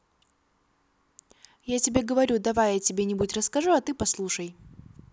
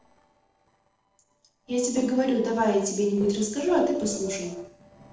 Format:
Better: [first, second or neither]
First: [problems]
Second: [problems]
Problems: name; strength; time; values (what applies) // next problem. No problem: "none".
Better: first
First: none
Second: noise reduction (neural separator model SepFormer DNS4)